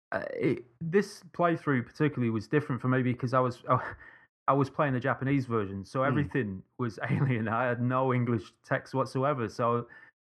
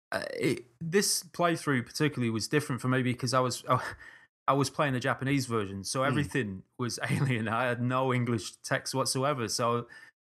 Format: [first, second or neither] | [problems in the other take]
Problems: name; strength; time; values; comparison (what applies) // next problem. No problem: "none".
second | muffled; very; fading above 3.5 kHz